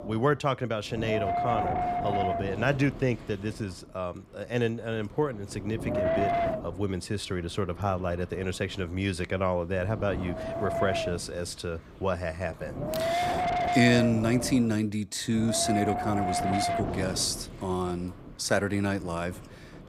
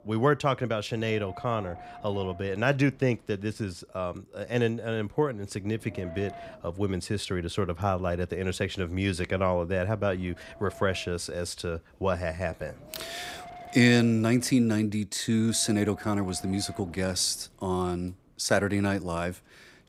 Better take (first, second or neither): second